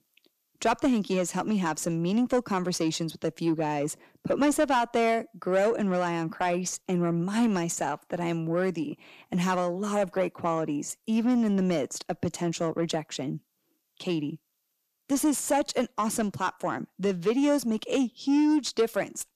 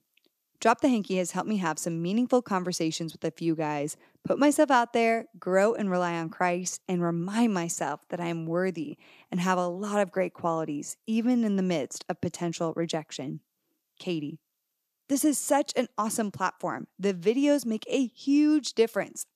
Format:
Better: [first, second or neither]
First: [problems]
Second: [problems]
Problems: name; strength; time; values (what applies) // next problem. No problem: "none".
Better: second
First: distortion; slight; 10 dB below the speech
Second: none